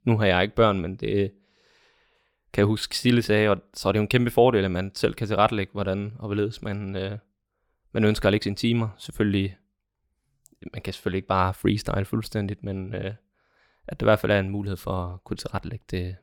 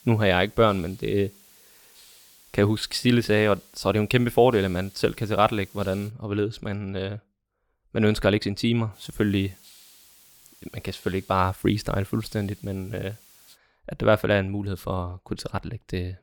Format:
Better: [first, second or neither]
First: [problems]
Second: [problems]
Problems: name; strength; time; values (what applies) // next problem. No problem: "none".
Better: first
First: none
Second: hiss; faint; until 6 s and from 9 to 14 s; 25 dB below the speech